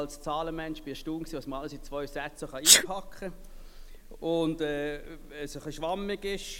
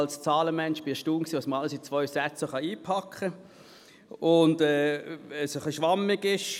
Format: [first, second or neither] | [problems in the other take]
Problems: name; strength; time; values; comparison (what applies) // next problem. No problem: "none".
second | background sound (Sneeze); 2 dB above the speech